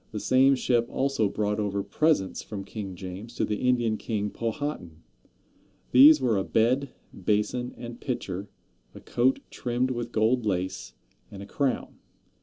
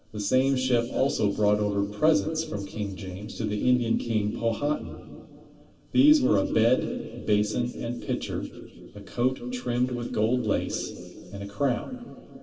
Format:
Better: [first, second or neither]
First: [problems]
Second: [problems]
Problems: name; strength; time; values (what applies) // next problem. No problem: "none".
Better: first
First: none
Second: room echo; dies away in 2.5 s